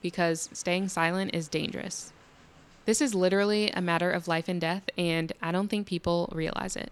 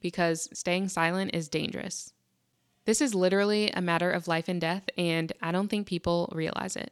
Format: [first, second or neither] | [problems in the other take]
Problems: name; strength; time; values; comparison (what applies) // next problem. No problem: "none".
second | train or aircraft noise; faint; throughout; 30 dB below the speech